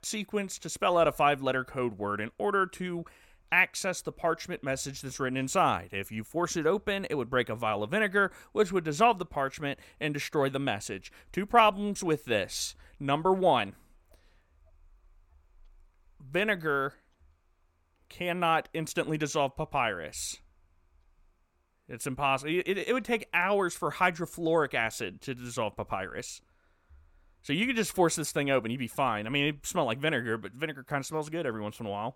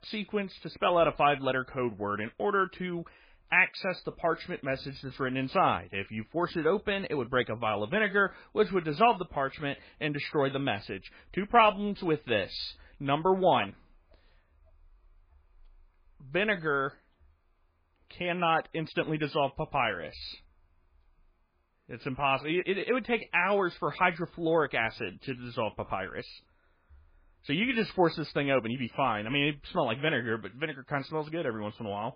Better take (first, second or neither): first